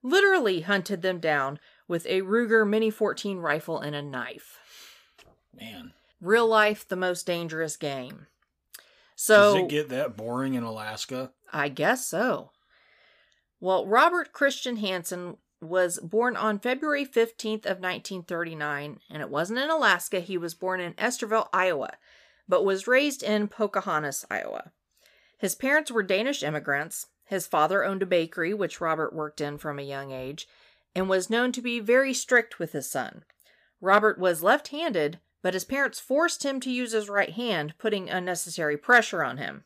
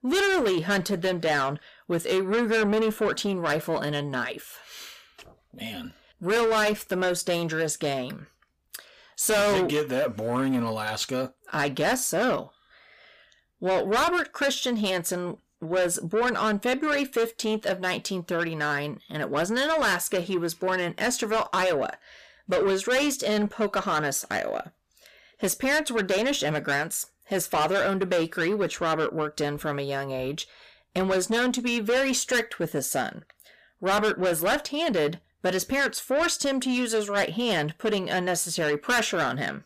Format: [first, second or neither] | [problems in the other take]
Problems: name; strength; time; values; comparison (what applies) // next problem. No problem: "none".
first | distortion; heavy; 6 dB below the speech